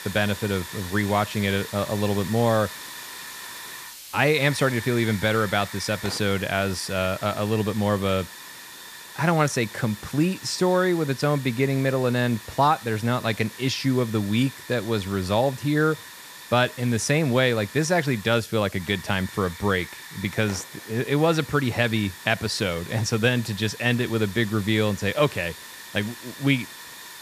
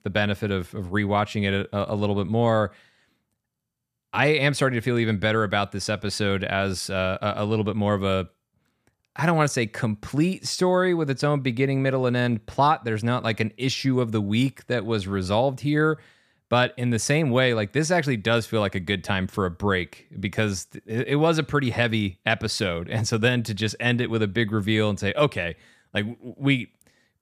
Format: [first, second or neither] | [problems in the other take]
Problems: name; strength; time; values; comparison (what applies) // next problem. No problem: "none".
second | hiss; noticeable; throughout; 15 dB below the speech